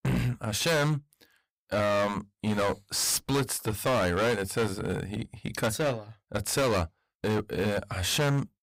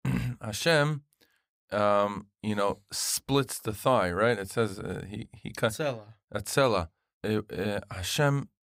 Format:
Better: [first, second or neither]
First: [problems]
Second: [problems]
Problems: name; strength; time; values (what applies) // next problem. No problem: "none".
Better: second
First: distortion; heavy; 15% of the sound clipped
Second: none